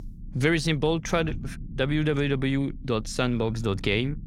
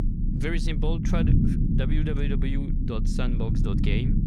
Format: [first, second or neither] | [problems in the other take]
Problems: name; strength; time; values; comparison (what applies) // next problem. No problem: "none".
first | low rumble; loud; throughout; 1 dB below the speech; faint in the first